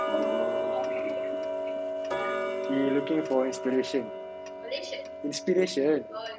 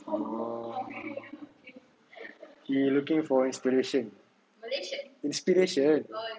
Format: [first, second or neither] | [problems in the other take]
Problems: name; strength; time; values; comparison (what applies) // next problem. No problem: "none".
second | background sound (Tick-tock); 2 dB below the speech